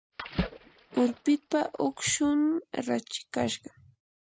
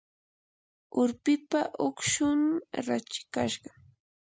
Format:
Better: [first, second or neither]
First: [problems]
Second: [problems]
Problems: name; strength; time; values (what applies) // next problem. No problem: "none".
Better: second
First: noise reduction (neural mask model RNNoise)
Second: none